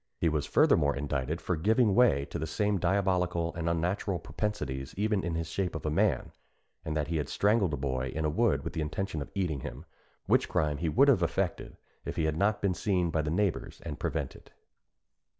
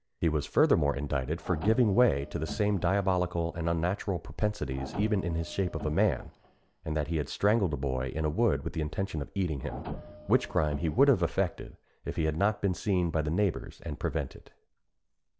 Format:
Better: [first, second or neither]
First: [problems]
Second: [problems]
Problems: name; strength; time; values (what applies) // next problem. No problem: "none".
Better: first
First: none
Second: background sound (Printer); 14 dB below the speech